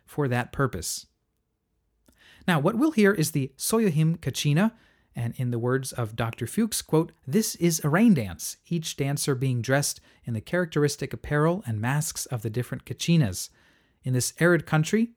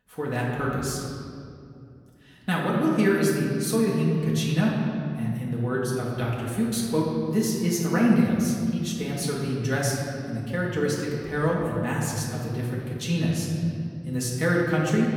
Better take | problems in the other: first | room echo; noticeable; dies away in 2.2 s // off-mic speech; far

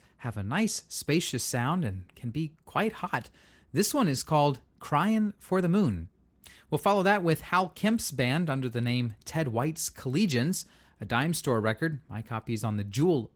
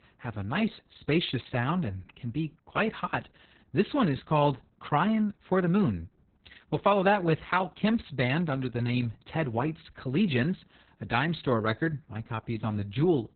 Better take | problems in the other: first | garbled, watery; badly; nothing above 4 kHz; slightly in the first

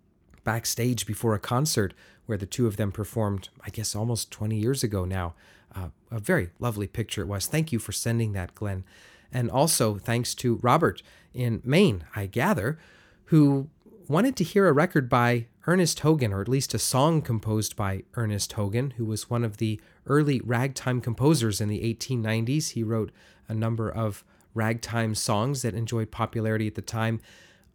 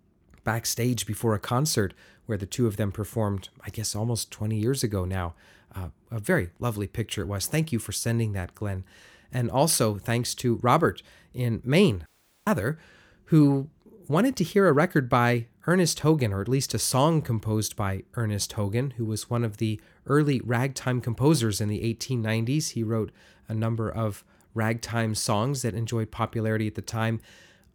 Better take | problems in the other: first | audio cutting out; at 12 s

